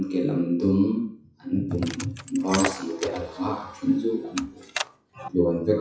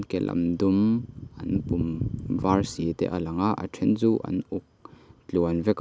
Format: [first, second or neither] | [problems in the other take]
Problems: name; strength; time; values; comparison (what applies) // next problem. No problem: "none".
second | noise reduction (classical method WPE with log-MMSE)